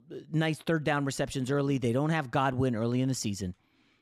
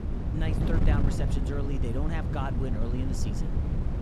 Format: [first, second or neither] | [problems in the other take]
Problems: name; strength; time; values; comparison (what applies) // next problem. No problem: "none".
first | wind noise on the microphone; heavy; 2 dB below the speech